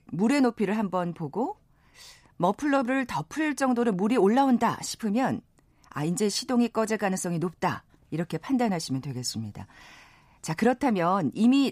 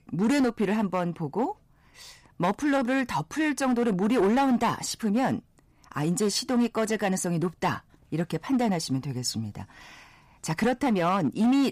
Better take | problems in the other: first | distortion; slight; 7% of the sound clipped

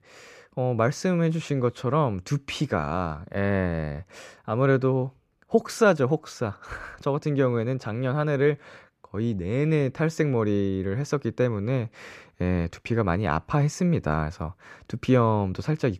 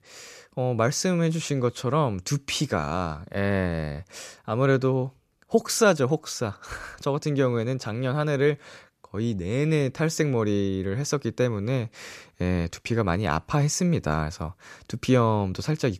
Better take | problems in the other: second | muffled; slightly; fading above 3.5 kHz

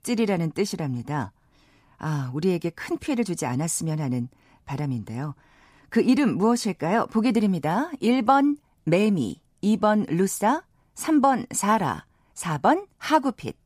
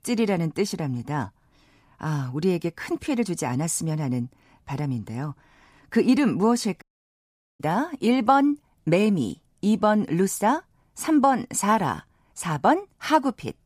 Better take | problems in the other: first | audio cutting out; at 7 s for 1 s

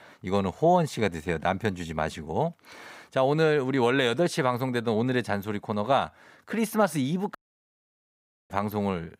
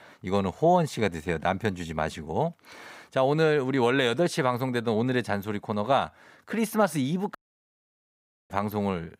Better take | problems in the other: neither | audio cutting out; at 7.5 s for 1 s; the same in both

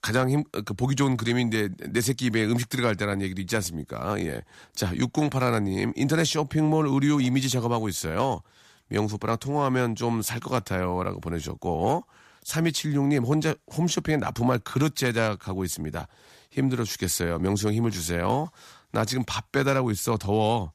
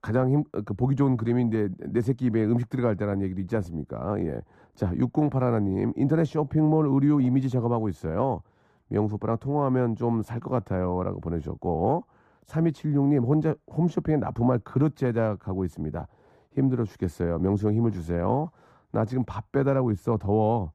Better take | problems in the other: first | muffled; very; fading above 2 kHz

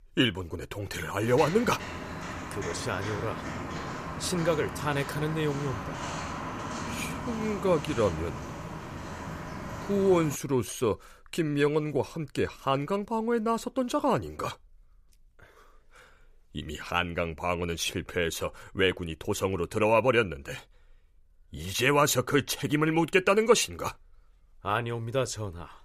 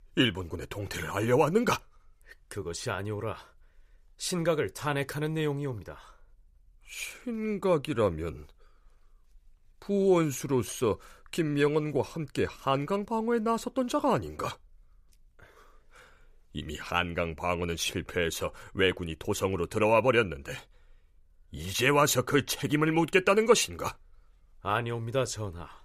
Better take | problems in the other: second | footsteps; noticeable; from 1 to 10 s; peak 6 dB below the speech

